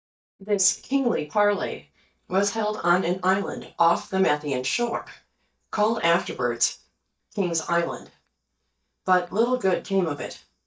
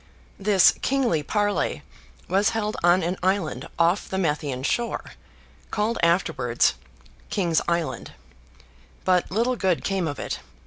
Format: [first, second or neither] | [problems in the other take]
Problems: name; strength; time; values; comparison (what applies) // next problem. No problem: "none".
second | noise reduction (neural mask model DeepFilterNet 3)